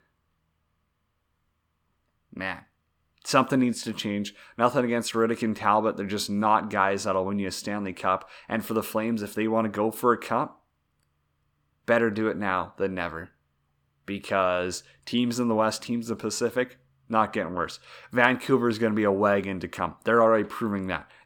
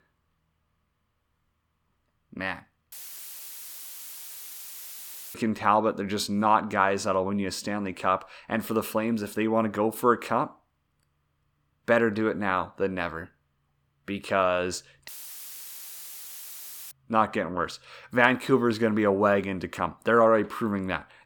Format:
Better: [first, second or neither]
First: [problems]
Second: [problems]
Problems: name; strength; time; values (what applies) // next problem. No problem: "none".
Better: first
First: none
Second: audio cutting out; filled with static; at 3 s for 2.5 s and at 15 s for 2 s